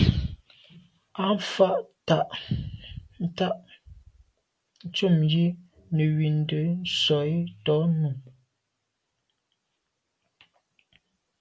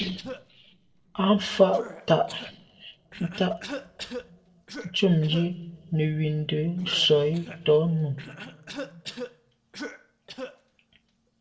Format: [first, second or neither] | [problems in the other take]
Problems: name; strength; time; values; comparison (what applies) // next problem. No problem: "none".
first | noise reduction (neural separator model SepFormer DNS4)